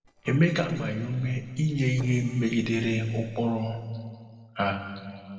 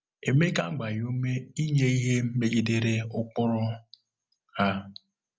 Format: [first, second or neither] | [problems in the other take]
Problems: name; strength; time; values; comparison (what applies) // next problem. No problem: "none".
second | noise reduction (neural separator model SepFormer DNS4)